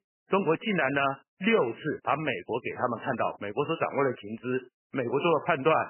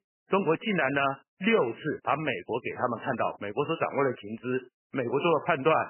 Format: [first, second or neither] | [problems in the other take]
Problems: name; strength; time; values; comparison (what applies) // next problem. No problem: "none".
neither | garbled, watery; badly; nothing above 3 kHz; the same in both